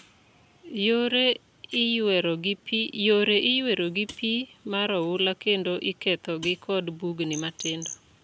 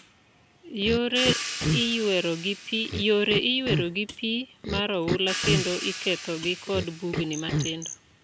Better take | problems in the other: first | background sound (Crash cymbal / Hi-hat + Cough); 4 dB below the speech

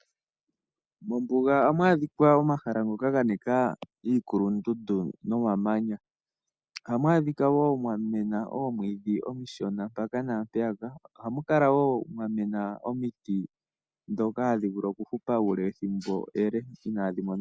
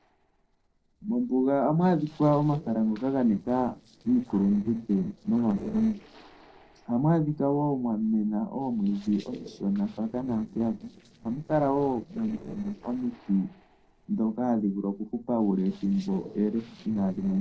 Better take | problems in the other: first | noise reduction (neural separator model SepFormer DNS4)

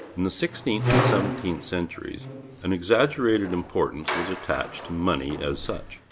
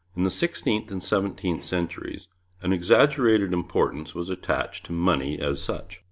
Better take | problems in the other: second | background sound (Squeak); 4 dB below the speech

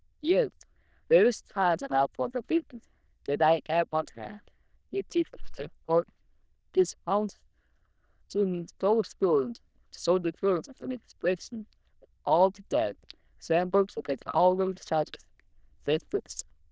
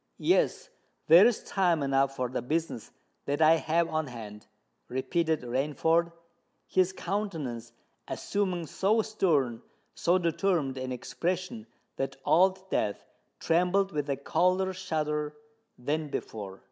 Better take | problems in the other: second | noise reduction (neural diffusion model UNIVERSE++)

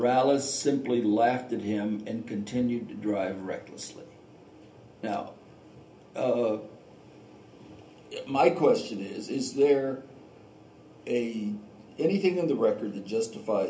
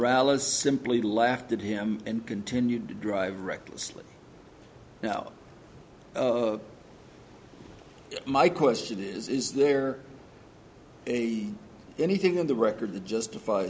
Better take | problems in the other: second | room echo; dies away in 0.3 s

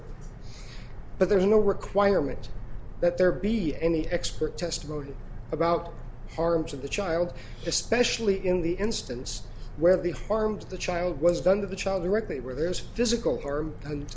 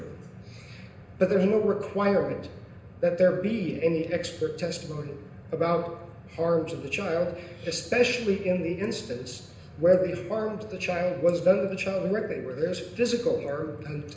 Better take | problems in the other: first | room echo; dies away in 0.9 s

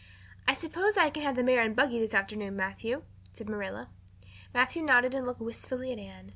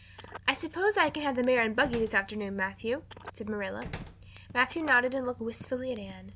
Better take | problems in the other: first | background sound (Telephone + Slam); 17 dB below the speech

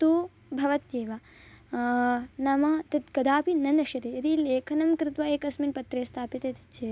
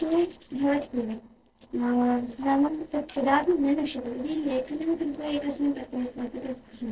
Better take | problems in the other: first | noise reduction (neural separator model SepFormer DNS4)

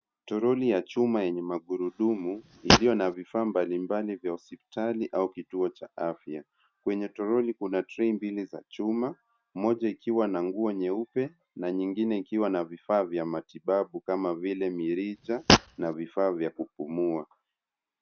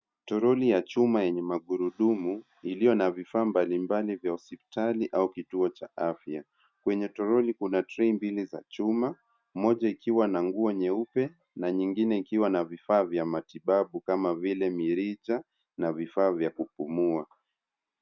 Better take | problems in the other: second | background sound (Fart); 2 dB above the speech

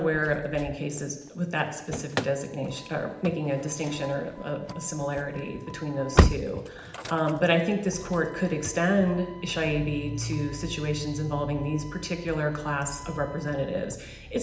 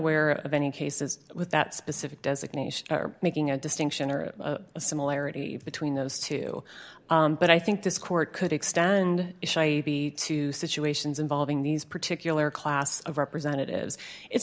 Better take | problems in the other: second | background sound (Slam / Engine starting); 5 dB below the speech // room echo; dies away in 0.8 s

